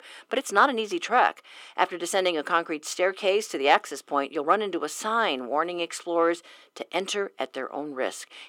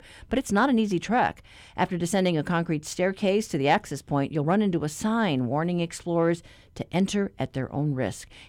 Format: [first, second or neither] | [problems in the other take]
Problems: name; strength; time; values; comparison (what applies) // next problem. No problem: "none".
second | thin; very; fading below 350 Hz